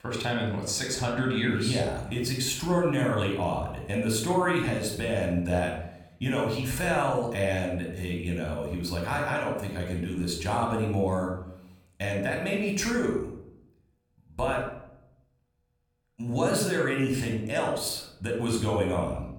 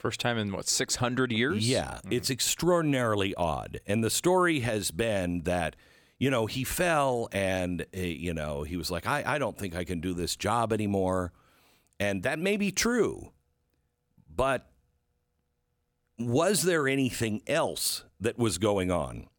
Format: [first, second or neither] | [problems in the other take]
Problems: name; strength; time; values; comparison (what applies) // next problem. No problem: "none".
second | off-mic speech; somewhat distant // room echo; noticeable; dies away in 0.7 s